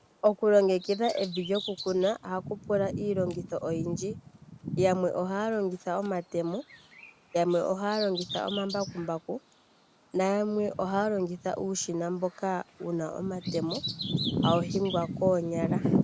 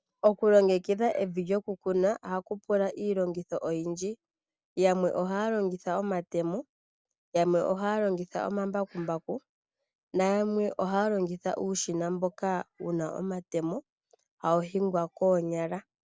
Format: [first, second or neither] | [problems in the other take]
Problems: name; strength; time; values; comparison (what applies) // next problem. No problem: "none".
second | background sound (Bird vocalization, bird call, bird song); 7 dB below the speech